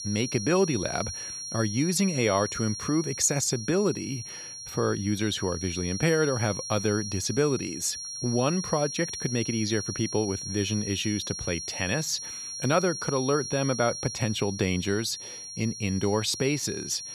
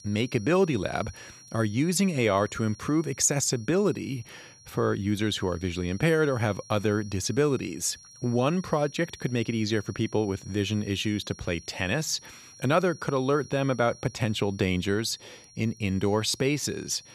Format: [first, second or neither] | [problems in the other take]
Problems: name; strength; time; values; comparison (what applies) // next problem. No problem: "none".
second | high-pitched whine; loud; throughout; 5.5 kHz, 7 dB below the speech; faint in the second